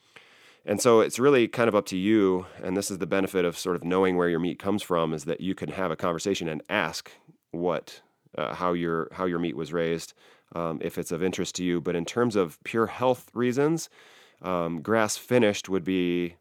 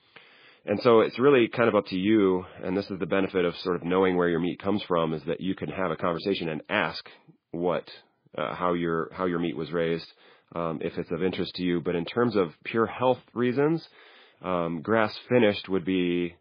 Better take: first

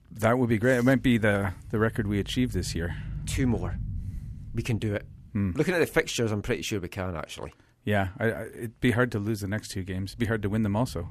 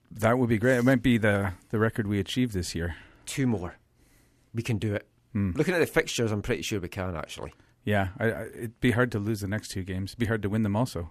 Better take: second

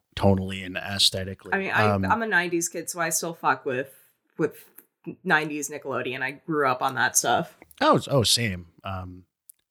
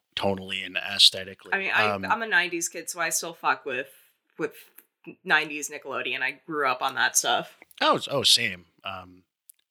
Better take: first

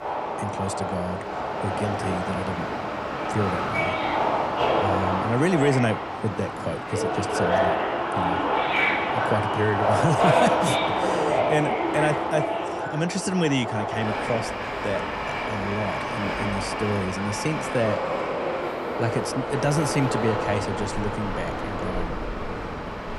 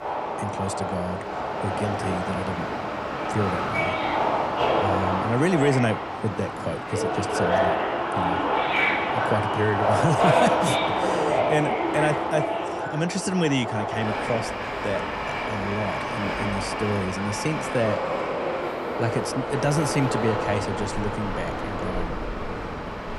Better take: neither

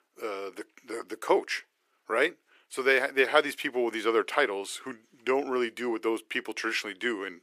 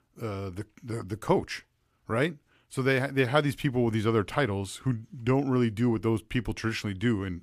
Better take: second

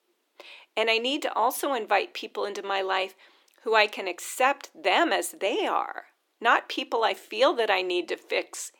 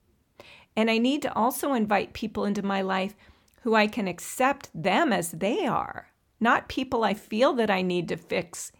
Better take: second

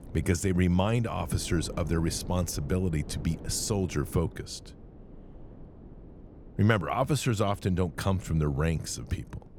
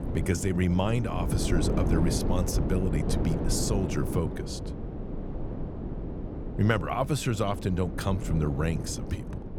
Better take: first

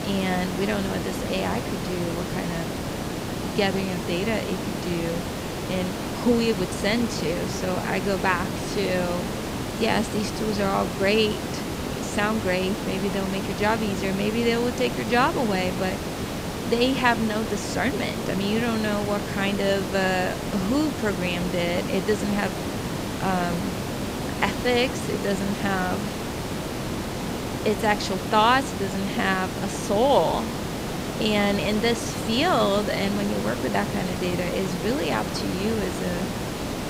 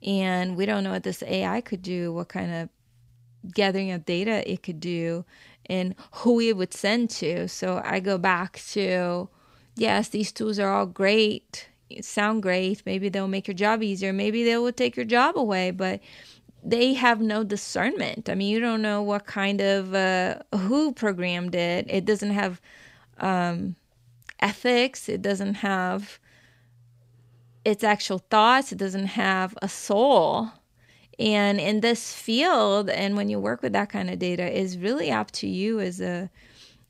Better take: second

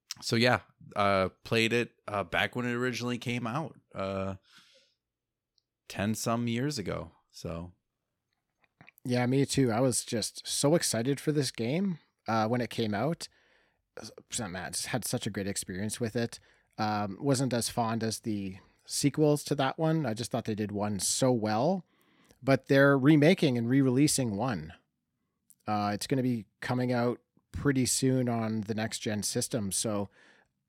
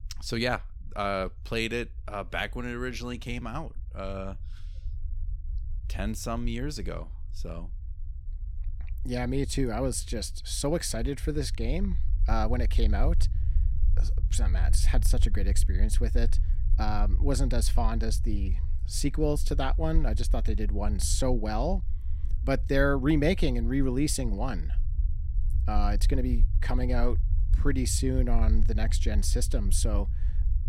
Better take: first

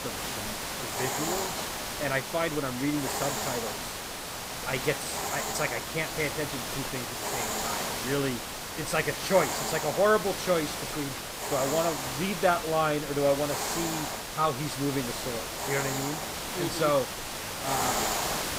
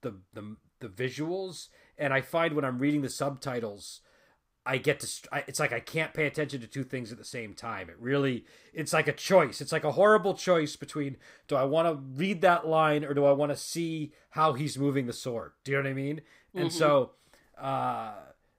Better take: second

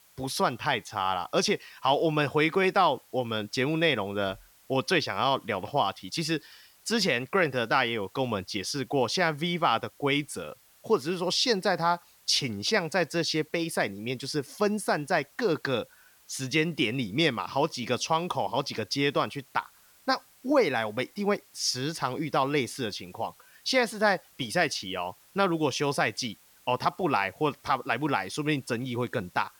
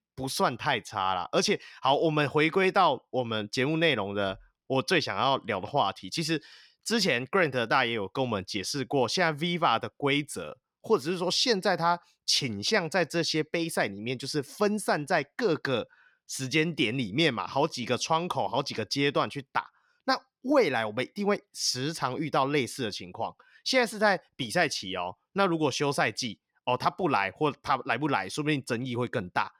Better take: second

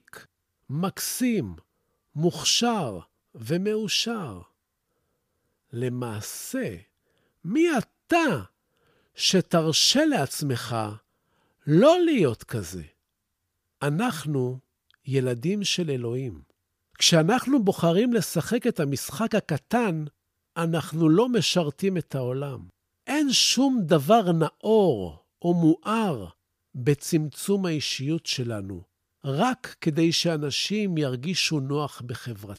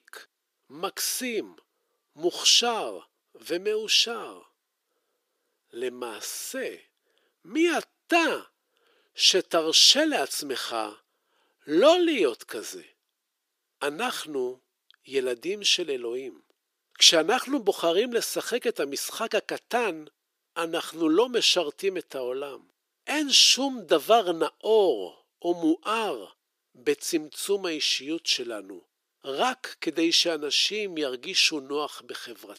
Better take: first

